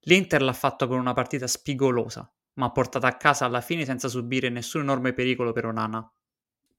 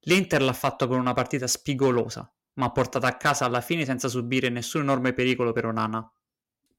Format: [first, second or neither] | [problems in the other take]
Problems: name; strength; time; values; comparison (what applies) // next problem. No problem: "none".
first | distortion; slight; 2% of the sound clipped